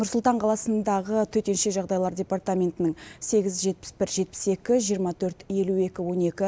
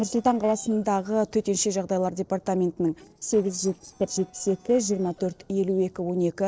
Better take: first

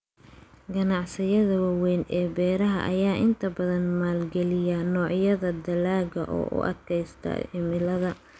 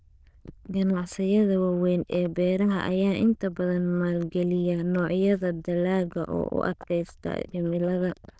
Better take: first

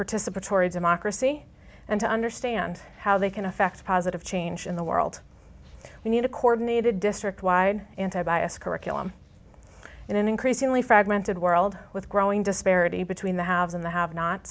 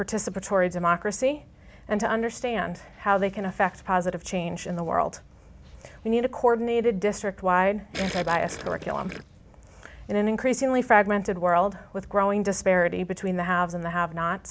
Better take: first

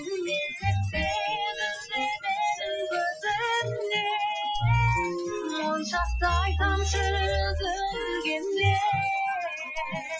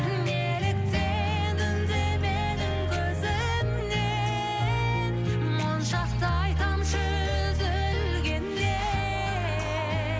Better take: second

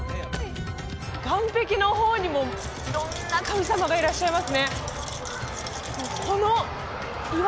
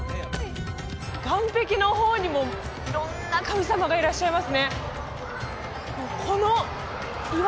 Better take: second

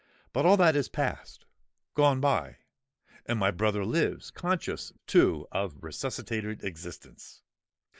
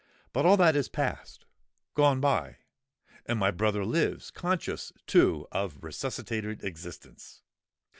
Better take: second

